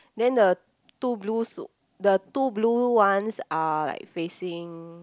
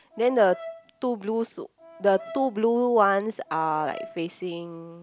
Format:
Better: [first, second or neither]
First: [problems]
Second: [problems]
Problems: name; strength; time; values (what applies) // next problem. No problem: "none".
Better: first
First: none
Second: background sound (Brass instrument); 19 dB below the speech